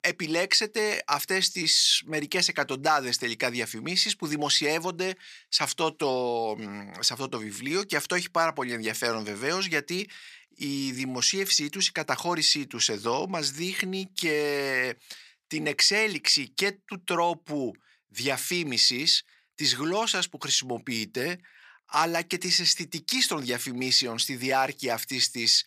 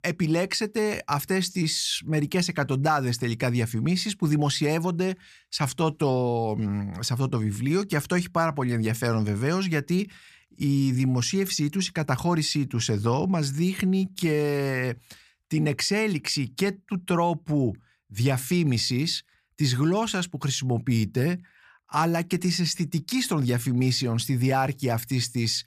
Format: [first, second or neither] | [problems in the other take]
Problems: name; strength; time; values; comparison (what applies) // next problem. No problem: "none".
second | thin; somewhat; fading below 350 Hz